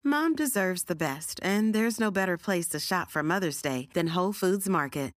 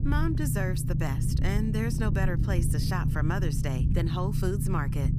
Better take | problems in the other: first | low rumble; loud; throughout; 5 dB below the speech

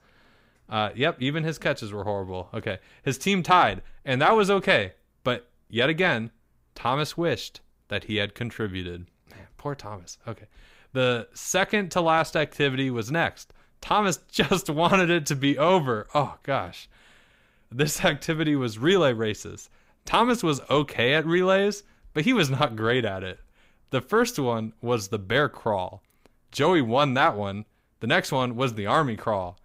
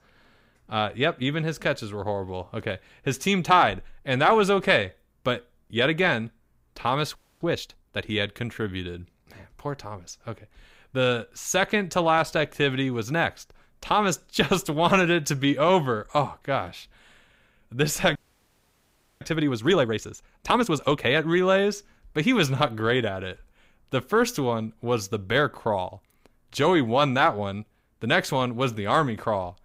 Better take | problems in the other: first | audio freezing; at 7 s and at 18 s for 1 s

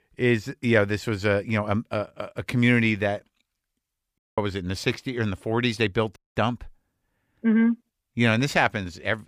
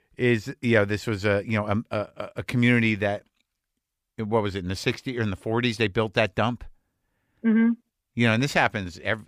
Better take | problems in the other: second | audio cutting out; at 4 s and at 6 s

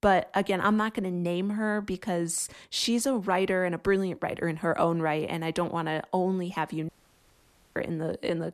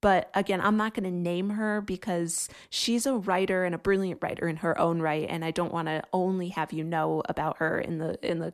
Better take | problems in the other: second | audio cutting out; at 7 s for 1 s

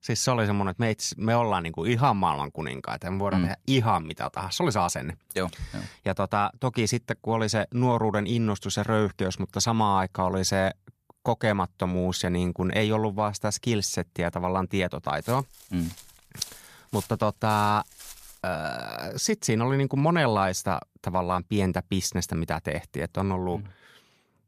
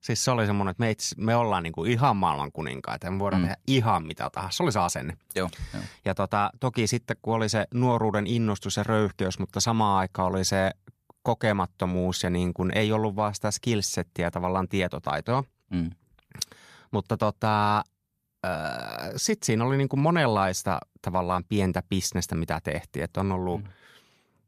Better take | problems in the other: second | footsteps; faint; from 15 to 18 s; peak 15 dB below the speech

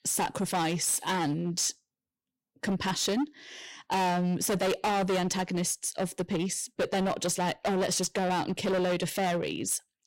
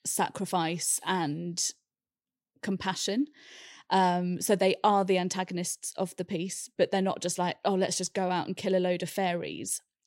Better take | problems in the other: second | distortion; heavy; 19% of the sound clipped

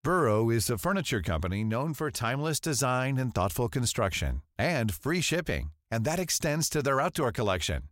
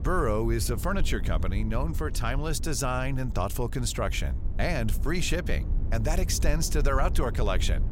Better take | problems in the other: first | low rumble; noticeable; throughout; 15 dB below the speech

